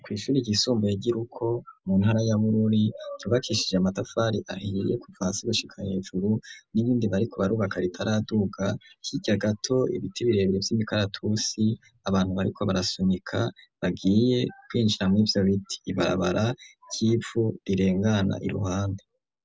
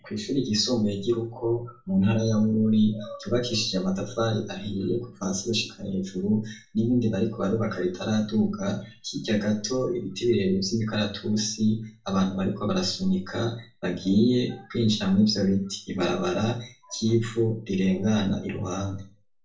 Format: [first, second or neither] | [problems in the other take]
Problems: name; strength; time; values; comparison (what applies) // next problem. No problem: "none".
first | room echo; dies away in 0.3 s